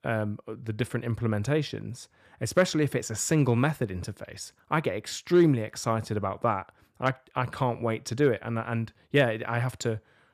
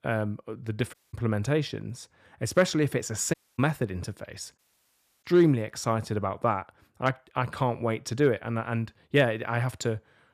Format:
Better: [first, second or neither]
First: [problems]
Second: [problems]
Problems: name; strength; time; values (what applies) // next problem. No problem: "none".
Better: first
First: none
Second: audio cutting out; at 1 s, at 3.5 s and at 4.5 s for 0.5 s